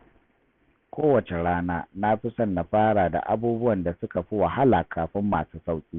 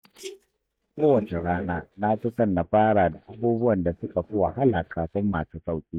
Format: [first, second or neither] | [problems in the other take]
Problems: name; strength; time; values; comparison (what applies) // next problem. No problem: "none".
first | noise reduction (neural mask model DeepFilterNet 3)